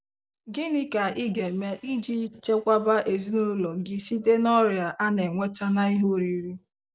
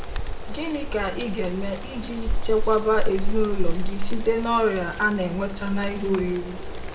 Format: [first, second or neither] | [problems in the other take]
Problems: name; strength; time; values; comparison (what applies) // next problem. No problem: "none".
first | background sound (Insect); 2 dB above the speech // room echo; dies away in 0.4 s